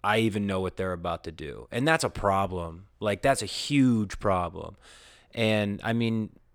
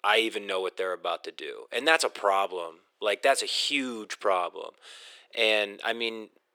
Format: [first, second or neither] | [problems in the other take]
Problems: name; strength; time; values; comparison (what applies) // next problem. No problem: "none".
first | thin; very; fading below 400 Hz